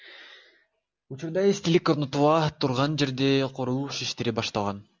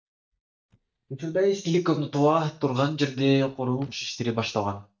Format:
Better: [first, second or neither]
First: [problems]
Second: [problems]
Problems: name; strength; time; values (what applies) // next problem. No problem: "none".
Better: first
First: none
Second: noise reduction (neural mask model DeepFilterNet 3)